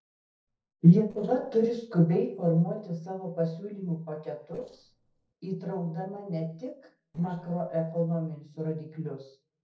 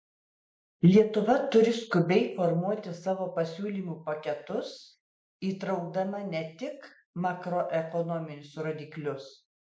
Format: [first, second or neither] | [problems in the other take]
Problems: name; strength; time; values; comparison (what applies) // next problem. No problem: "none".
second | noise reduction (neural separator model SepFormer DNS4)